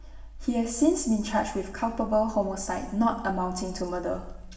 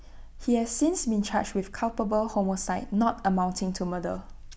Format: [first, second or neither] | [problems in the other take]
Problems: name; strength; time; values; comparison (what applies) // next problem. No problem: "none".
second | room echo; dies away in 1 s